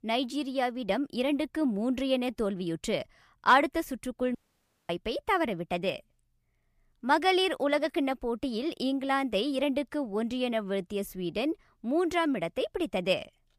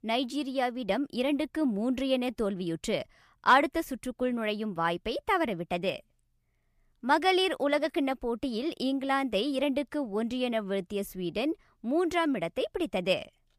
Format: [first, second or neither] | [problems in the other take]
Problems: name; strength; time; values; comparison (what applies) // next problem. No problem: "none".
second | audio cutting out; at 4.5 s for 0.5 s